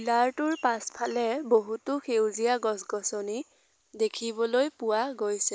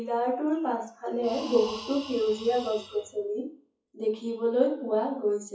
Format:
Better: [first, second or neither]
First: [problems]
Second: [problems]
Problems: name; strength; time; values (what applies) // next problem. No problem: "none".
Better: first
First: none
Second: noise reduction (classical method WPE with log-MMSE)